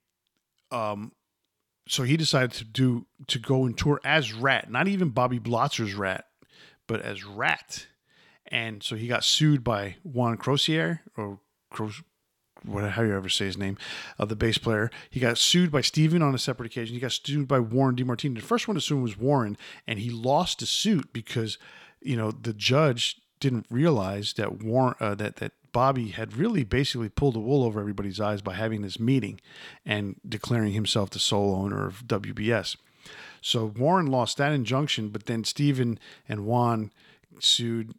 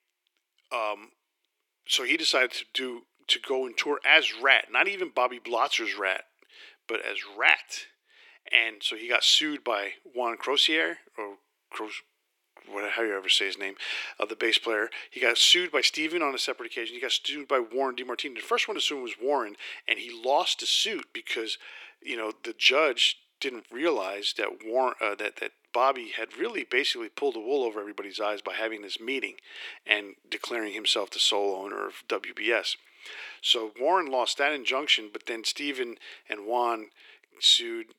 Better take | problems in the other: first | thin; very; fading below 350 Hz

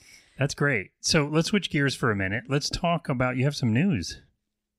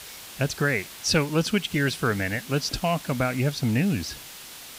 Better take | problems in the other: first | hiss; noticeable; throughout; 15 dB below the speech

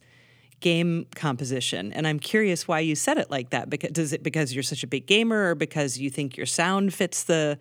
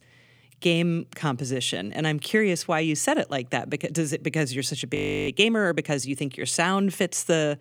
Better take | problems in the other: first | audio freezing; at 5 s

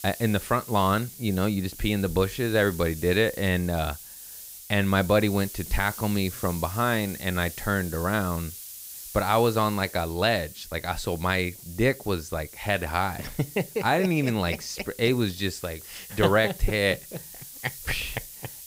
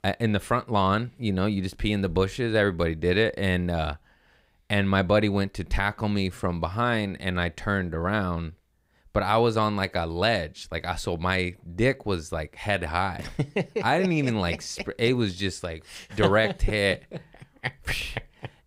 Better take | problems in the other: second | hiss; noticeable; throughout; 15 dB below the speech

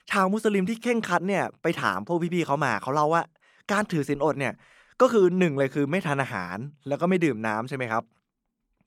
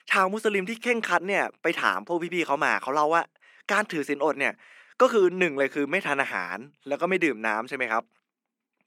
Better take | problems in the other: first | thin; very slightly; fading below 250 Hz

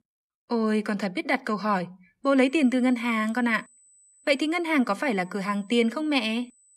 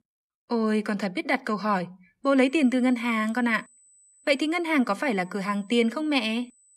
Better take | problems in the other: neither | high-pitched whine; faint; from 2 s on; 8 kHz, 30 dB below the speech; the same in both

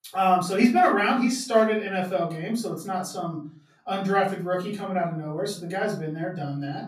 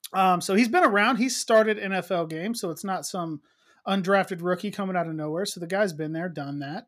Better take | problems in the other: second | off-mic speech; far // room echo; slight; dies away in 0.4 s

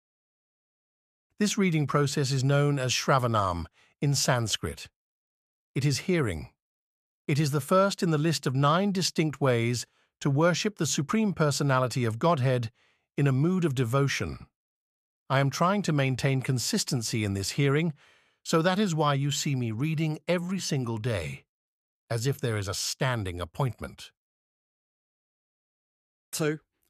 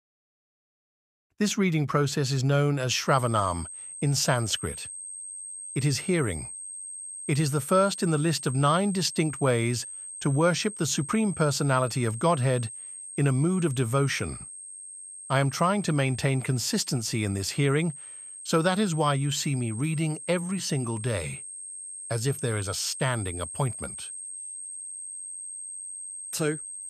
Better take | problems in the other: first | high-pitched whine; noticeable; from 3 s on; 8.5 kHz, 10 dB below the speech

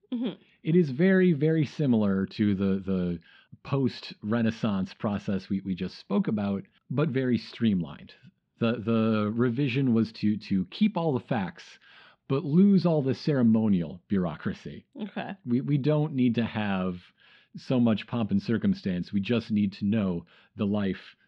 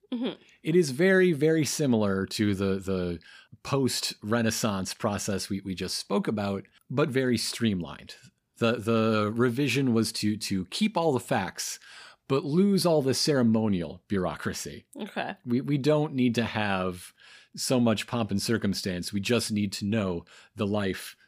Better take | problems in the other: second | muffled; slightly; fading above 3.5 kHz

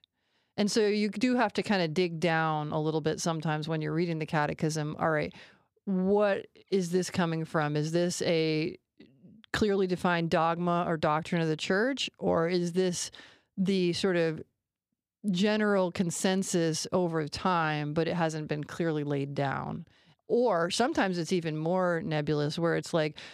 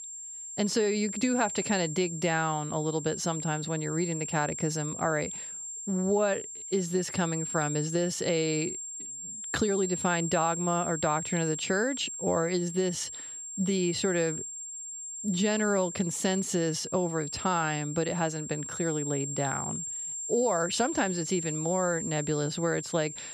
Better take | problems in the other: first | high-pitched whine; loud; throughout; 7.5 kHz, 6 dB below the speech

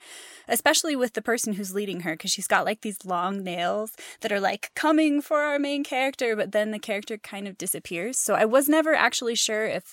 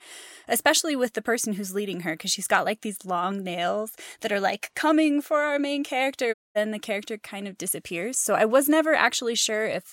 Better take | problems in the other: first | audio cutting out; at 6.5 s

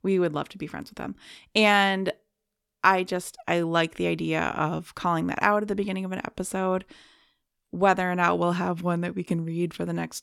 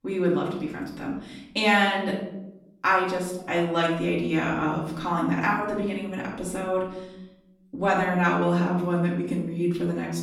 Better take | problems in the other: first | off-mic speech; far // room echo; noticeable; dies away in 0.8 s

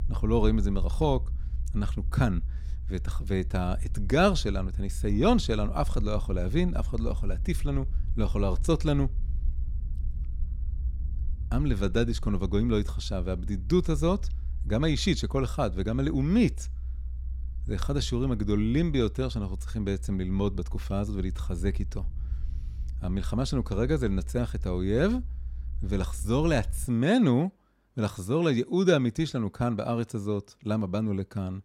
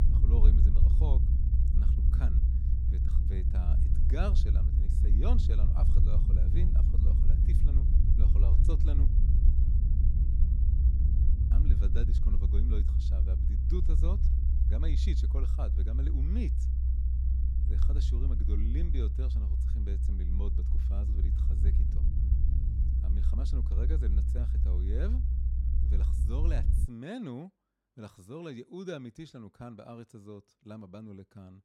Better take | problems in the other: first | low rumble; loud; until 27 s; 1 dB below the speech; faint in the first

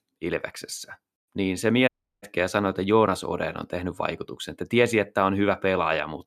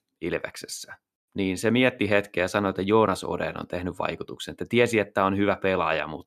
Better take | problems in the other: second | audio cutting out; at 2 s

